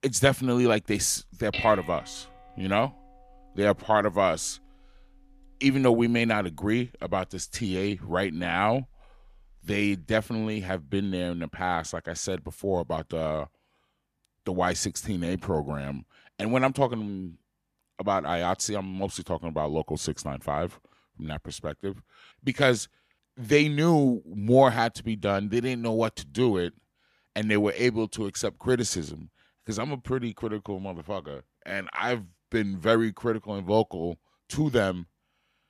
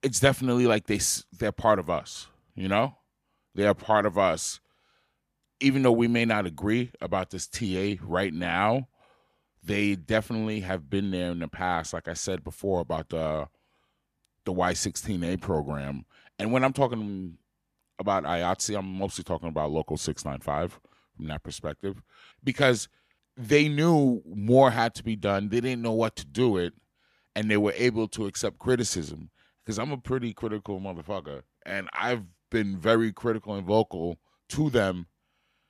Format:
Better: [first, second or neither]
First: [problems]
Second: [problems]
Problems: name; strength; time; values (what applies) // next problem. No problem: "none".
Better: second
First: clattering dishes; noticeable; at 1.5 s; peak 5 dB below the speech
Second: none